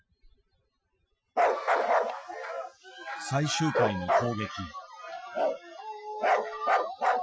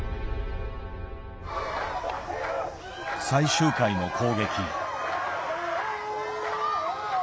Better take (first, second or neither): second